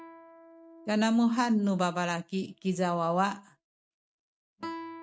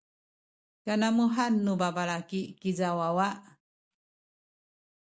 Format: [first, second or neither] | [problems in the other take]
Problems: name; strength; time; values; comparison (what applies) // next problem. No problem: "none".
second | noise reduction (neural mask model RNNoise)